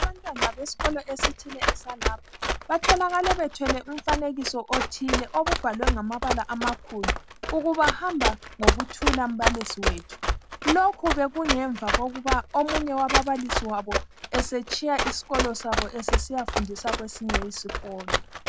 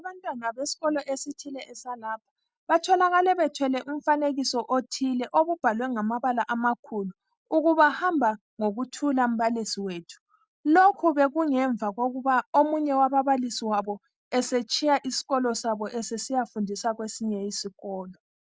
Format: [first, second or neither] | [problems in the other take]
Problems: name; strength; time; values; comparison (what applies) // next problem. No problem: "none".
second | background sound (Run); 1 dB above the speech